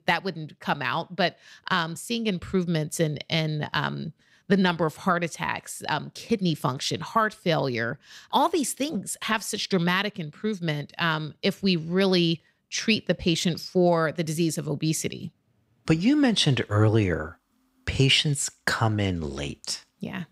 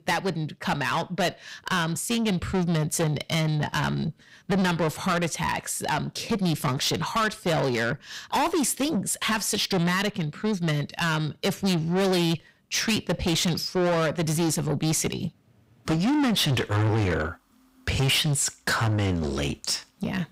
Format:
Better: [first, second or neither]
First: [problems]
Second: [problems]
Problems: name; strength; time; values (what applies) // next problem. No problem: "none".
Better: first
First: none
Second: distortion; heavy; 5 dB below the speech